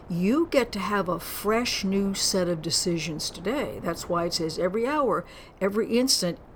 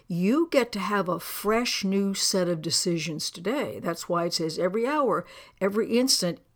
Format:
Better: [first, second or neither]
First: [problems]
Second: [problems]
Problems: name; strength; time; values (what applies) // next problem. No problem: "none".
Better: second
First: wind noise on the microphone; occasional gusts; 20 dB below the speech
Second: none